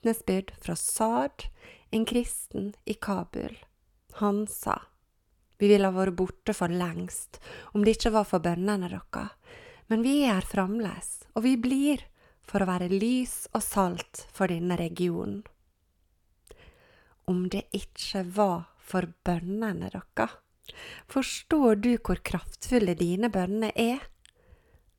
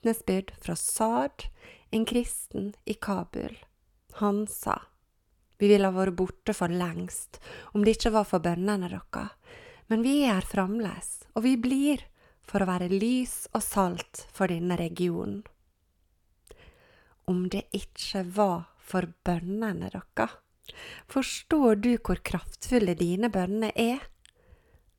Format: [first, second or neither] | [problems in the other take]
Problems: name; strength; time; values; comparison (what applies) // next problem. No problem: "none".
neither | none